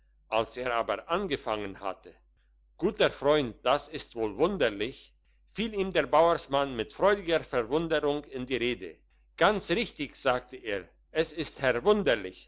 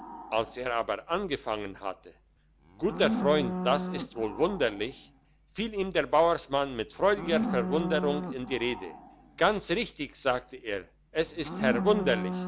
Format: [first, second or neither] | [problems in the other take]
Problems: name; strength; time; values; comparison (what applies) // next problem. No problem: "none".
first | background sound (Livestock, farm animals, working animals); 7 dB below the speech